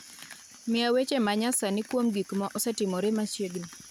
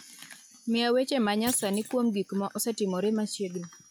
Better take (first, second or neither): first